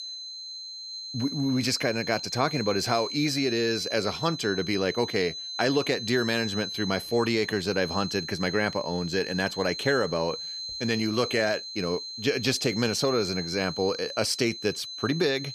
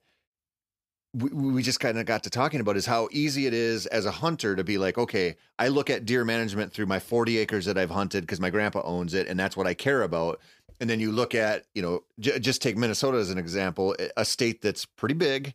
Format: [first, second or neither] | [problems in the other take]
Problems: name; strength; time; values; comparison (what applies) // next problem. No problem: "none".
second | high-pitched whine; loud; throughout; 4 kHz, 7 dB below the speech